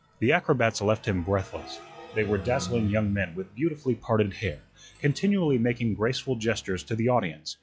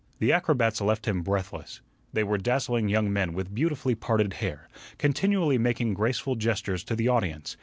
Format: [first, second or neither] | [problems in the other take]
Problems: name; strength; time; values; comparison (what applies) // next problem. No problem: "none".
second | noise reduction (classical method log-MMSE)